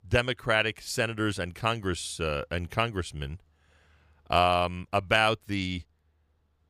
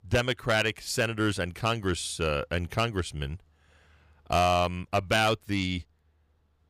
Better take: first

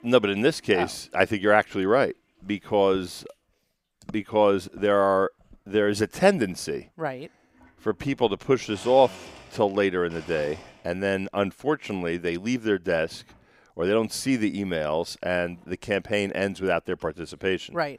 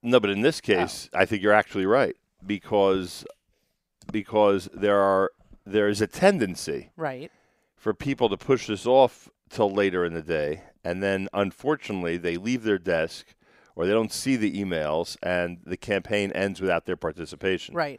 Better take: second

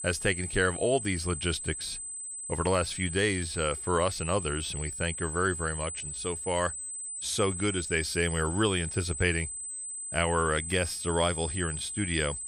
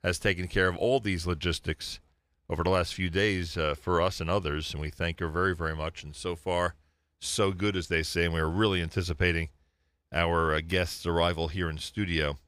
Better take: second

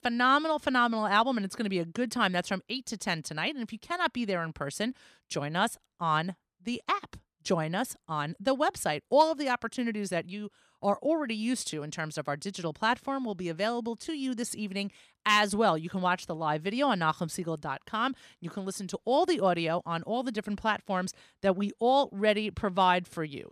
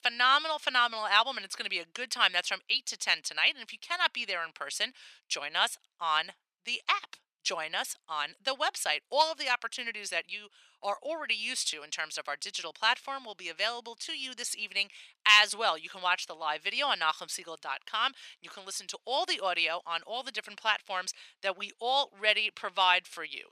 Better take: first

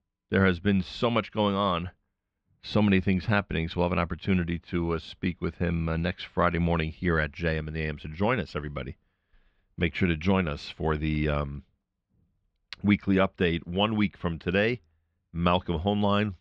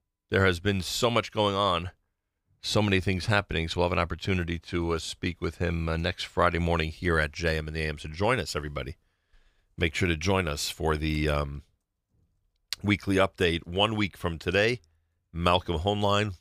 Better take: second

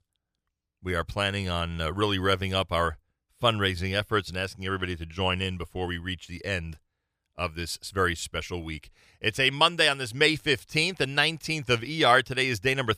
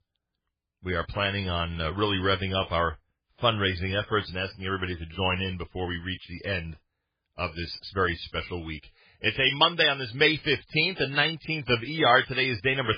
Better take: first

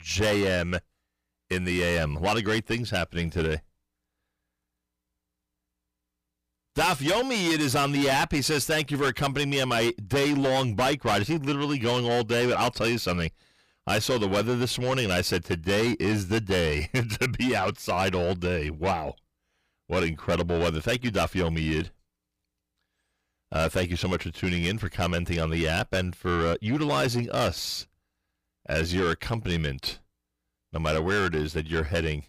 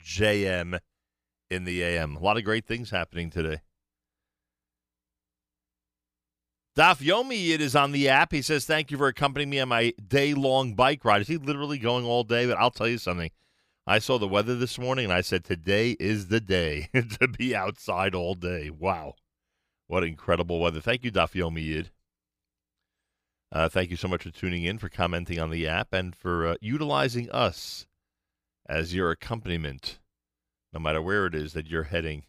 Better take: second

